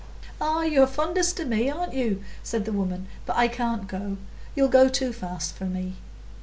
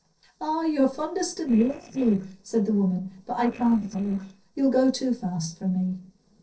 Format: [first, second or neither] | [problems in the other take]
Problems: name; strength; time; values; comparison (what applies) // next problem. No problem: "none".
first | noise reduction (neural separator model SepFormer DNS4)